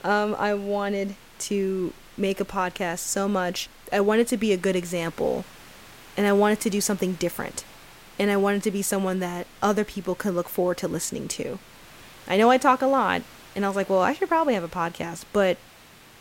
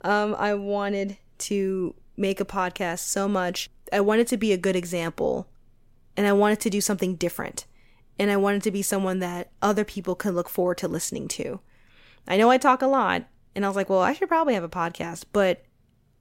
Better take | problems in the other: second | hiss; faint; throughout; 20 dB below the speech

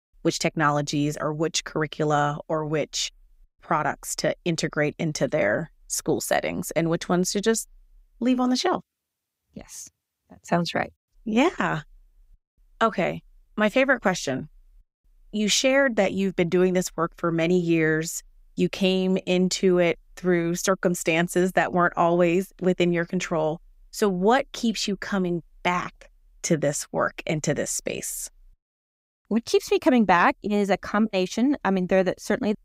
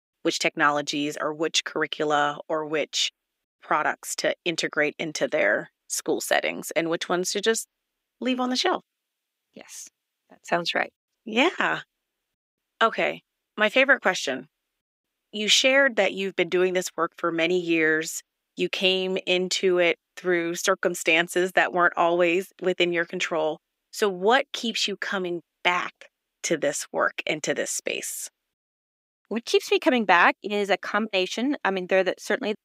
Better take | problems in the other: first | thin; somewhat; fading below 350 Hz

